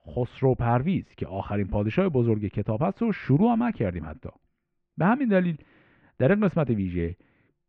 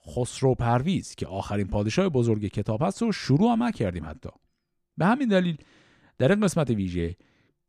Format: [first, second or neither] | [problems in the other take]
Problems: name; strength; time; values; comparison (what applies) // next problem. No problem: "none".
second | muffled; very; fading above 2.5 kHz